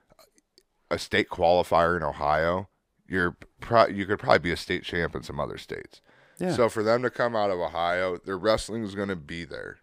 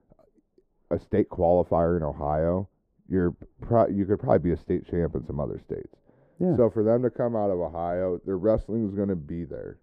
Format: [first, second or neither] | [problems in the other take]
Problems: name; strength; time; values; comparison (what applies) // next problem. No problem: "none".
first | muffled; very; fading above 1 kHz